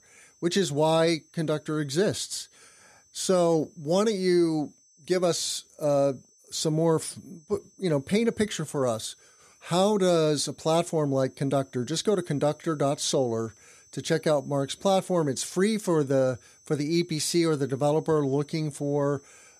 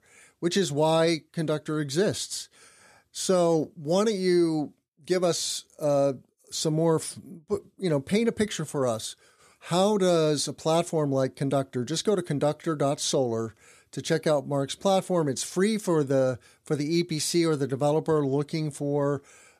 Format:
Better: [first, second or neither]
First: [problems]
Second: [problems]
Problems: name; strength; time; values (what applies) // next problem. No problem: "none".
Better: second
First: high-pitched whine; faint; throughout; 6 kHz, 30 dB below the speech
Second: none